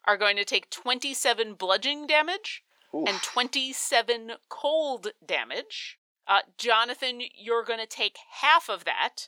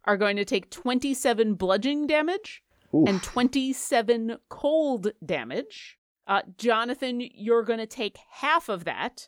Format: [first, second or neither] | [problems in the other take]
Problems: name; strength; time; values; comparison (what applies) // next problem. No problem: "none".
second | thin; very; fading below 600 Hz